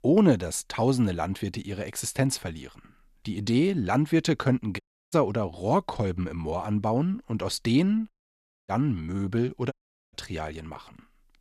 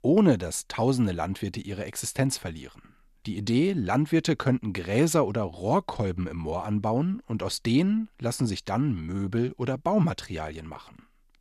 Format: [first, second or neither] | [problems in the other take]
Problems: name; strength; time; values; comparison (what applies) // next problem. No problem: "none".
second | audio cutting out; at 5 s, at 8 s for 0.5 s and at 9.5 s